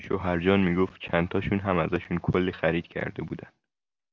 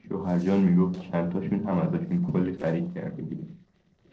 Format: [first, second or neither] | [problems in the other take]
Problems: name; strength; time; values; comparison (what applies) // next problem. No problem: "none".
first | noise reduction (neural separator model SepFormer DNS4)